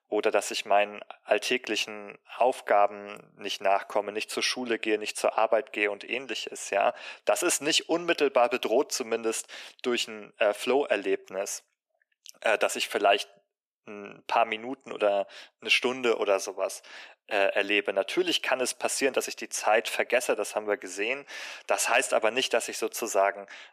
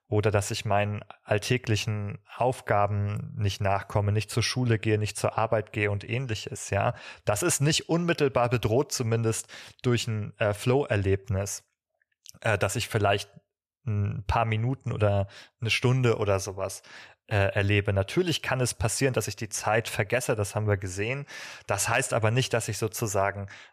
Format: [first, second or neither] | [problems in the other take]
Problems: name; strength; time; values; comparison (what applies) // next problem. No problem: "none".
second | thin; very; fading below 250 Hz